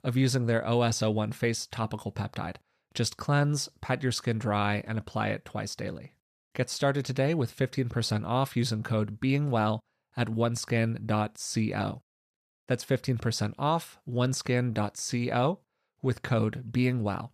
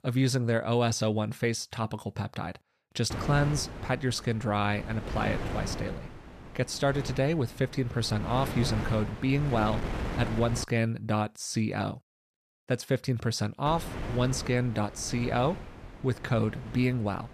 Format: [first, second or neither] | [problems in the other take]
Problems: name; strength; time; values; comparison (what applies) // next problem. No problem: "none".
first | wind noise on the microphone; heavy; from 3 to 11 s and from 14 s on; 10 dB below the speech